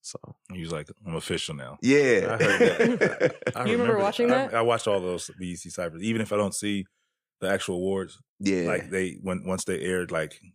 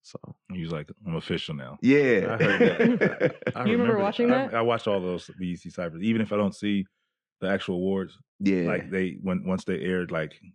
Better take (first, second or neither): first